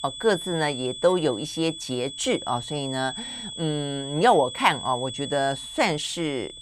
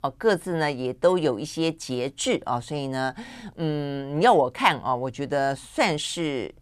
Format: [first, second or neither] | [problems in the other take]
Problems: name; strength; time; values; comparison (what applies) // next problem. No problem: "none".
second | high-pitched whine; loud; throughout; 3.5 kHz, 9 dB below the speech